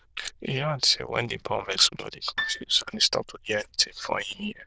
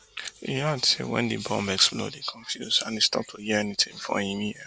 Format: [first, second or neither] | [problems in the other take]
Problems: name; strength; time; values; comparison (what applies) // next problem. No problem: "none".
second | noise reduction (neural diffusion model UNIVERSE++)